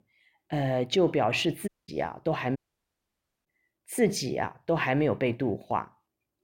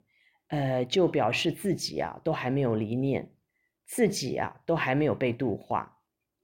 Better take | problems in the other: second | audio cutting out; at 1.5 s and at 2.5 s for 1 s

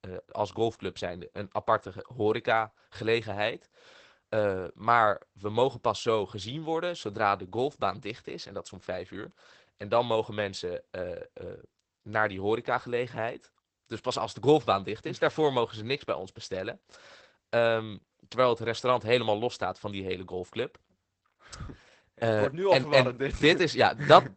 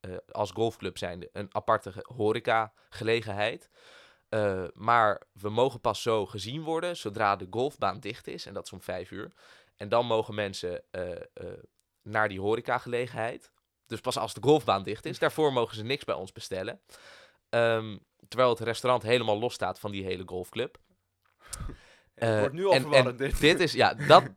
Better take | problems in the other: second | garbled, watery; badly; nothing above 8 kHz

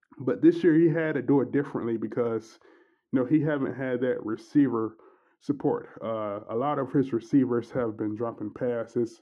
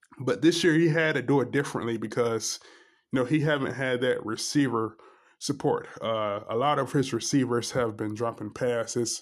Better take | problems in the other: second | muffled; very; fading above 3 kHz

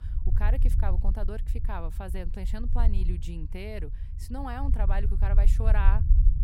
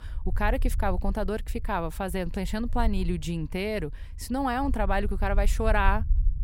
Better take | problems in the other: second | low rumble; loud; throughout; 10 dB below the speech; faint in the second

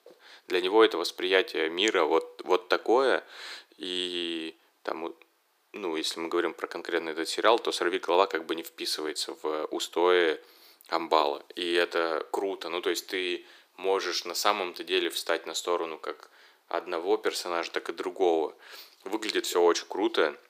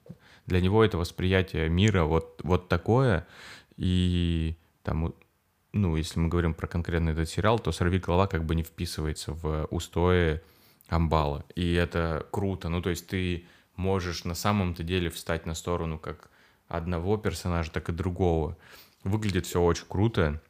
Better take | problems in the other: second | thin; very; fading below 350 Hz

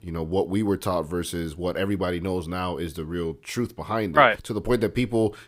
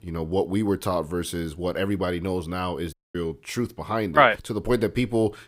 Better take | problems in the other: first | audio cutting out; at 3 s

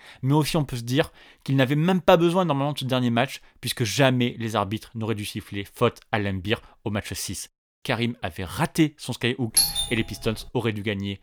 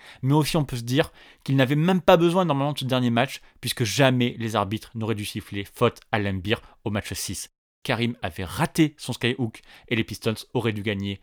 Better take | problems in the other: second | doorbell; loud; at 9.5 s; peak 5 dB above the speech

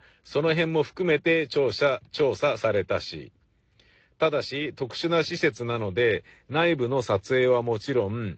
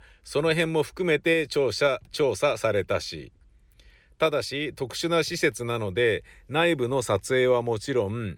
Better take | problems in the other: second | garbled, watery; slightly

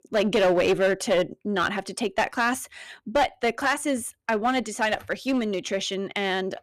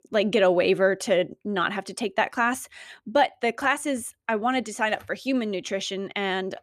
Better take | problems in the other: second | distortion; slight; 7% of the sound clipped

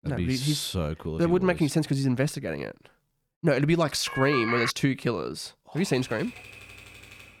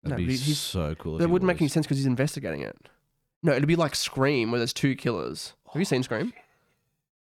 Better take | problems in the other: second | phone ringing; noticeable; at 4 s; peak 1 dB below the speech // keyboard typing; faint; from 6 s on; peak 15 dB below the speech

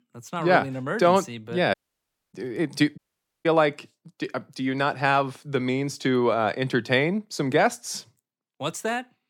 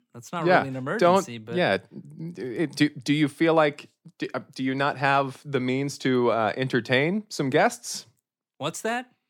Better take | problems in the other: second | audio cutting out; at 1.5 s for 0.5 s and at 3 s

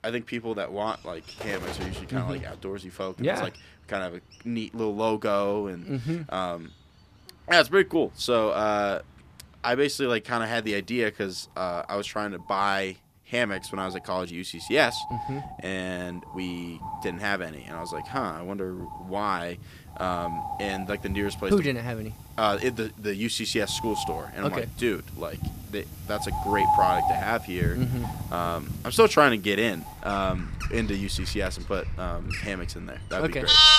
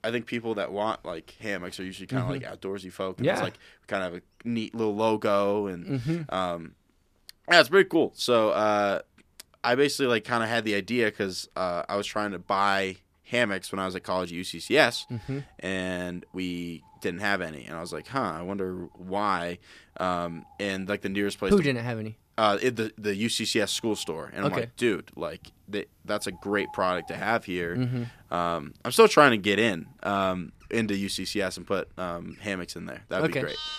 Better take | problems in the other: second | animal sounds; loud; throughout; 3 dB below the speech; faint in the second

